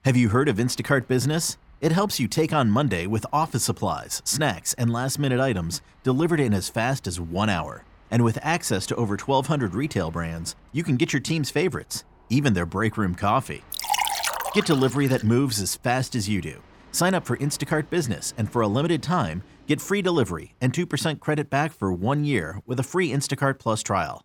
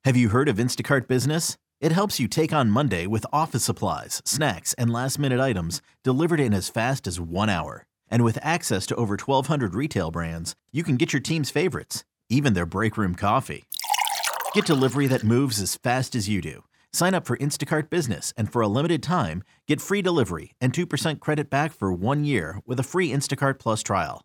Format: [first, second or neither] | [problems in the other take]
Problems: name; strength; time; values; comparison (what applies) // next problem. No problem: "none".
second | train or aircraft noise; faint; throughout; 30 dB below the speech